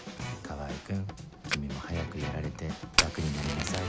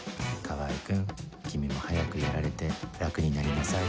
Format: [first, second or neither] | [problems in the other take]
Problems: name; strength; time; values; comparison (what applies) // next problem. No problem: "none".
second | background sound (Fire); 2 dB below the speech